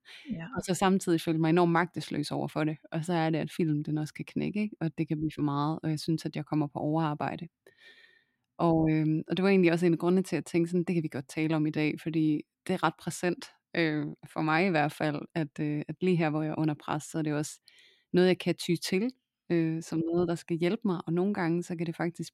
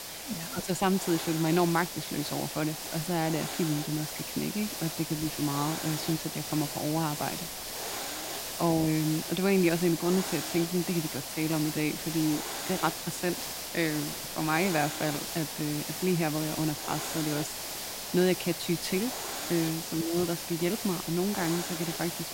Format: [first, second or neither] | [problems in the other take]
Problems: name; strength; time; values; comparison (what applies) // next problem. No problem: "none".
first | hiss; loud; throughout; 4 dB below the speech